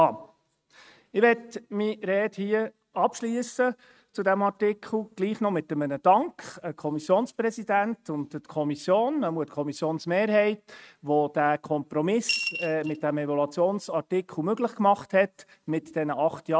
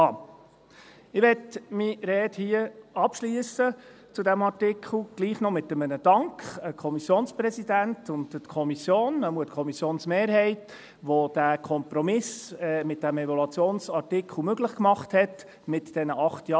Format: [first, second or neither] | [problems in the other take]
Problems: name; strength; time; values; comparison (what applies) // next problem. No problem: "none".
second | noise reduction (neural mask model RNNoise)